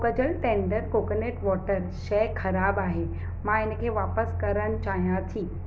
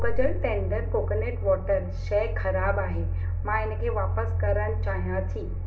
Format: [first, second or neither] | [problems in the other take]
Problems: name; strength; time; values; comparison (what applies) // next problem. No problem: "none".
first | room echo; dies away in 0.6 s